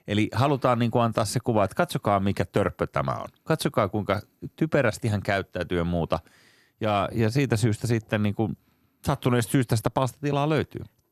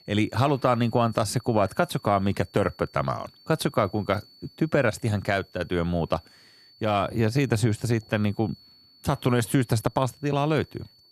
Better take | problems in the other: first | high-pitched whine; faint; throughout; 4.5 kHz, 25 dB below the speech

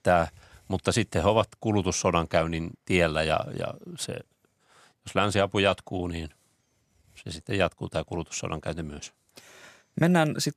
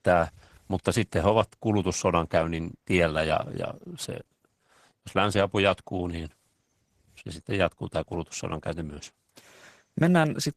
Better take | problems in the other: first | garbled, watery; slightly; nothing above 14.5 kHz

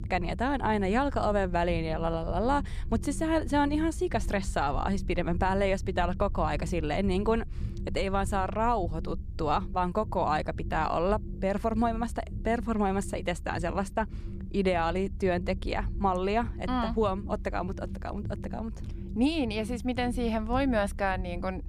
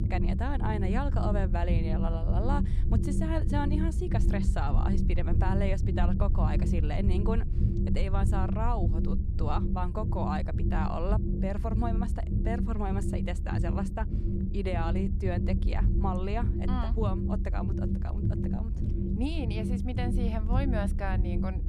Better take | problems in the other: first | low rumble; loud; throughout; 5 dB below the speech; faint in the first

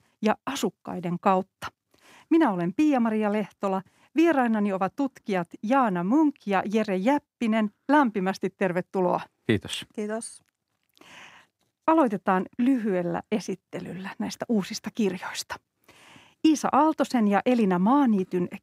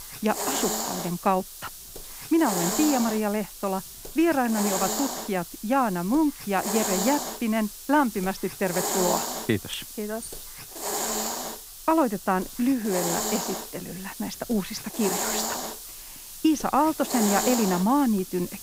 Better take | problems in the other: first | hiss; loud; throughout; 5 dB below the speech

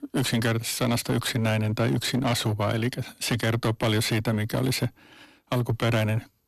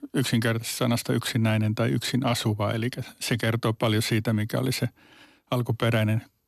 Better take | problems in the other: second | distortion; slight; 15% of the sound clipped

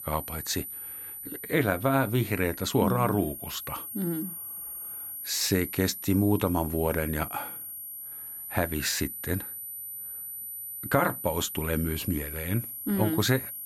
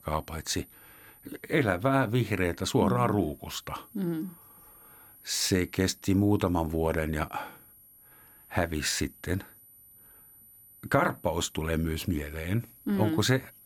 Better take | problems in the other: second | high-pitched whine; loud; throughout; 11.5 kHz, 8 dB below the speech; faint in the second

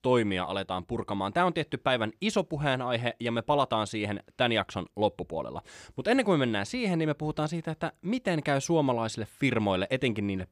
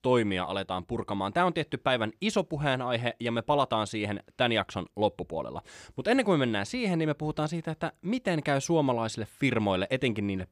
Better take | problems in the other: neither | none

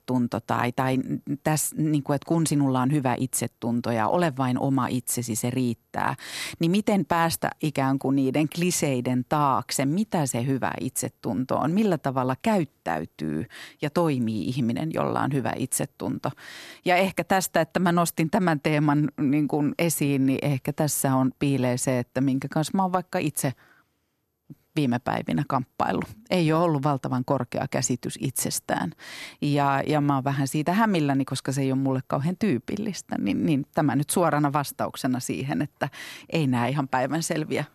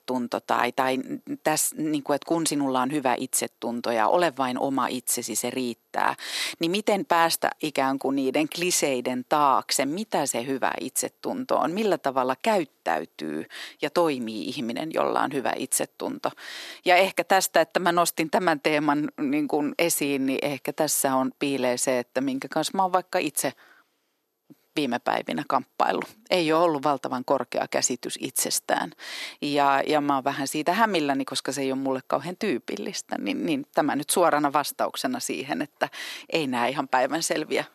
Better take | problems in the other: first | thin; somewhat; fading below 400 Hz

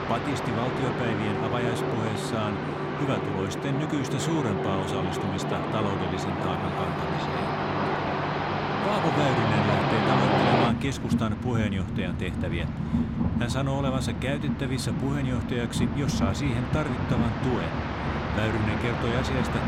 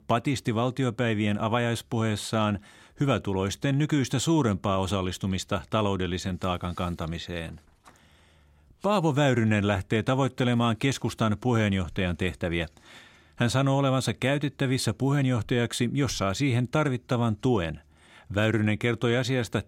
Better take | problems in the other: second | train or aircraft noise; very loud; throughout; 2 dB above the speech

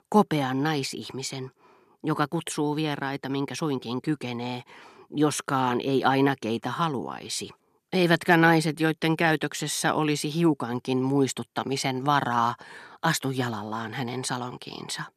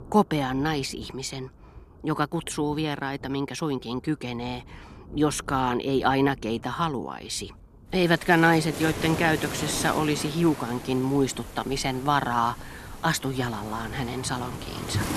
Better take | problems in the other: first | rain or running water; noticeable; throughout; 10 dB below the speech

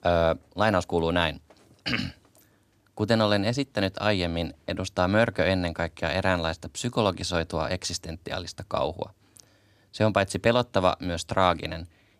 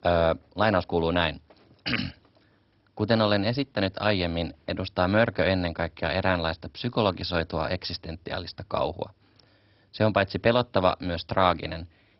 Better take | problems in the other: first | garbled, watery; badly; nothing above 5.5 kHz

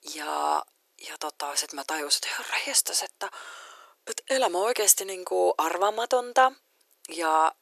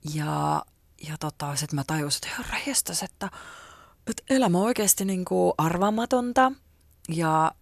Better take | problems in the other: second | thin; very; fading below 350 Hz

